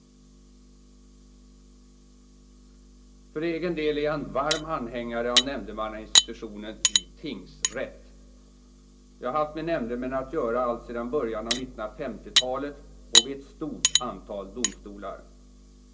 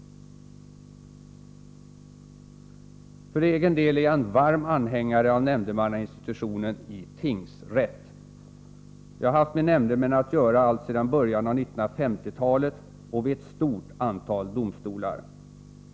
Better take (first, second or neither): second